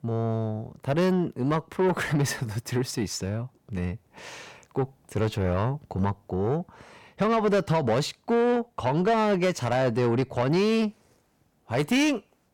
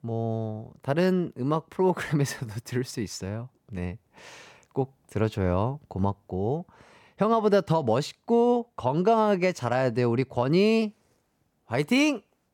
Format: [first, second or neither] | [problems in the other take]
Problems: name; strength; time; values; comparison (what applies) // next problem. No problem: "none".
second | distortion; slight; 10 dB below the speech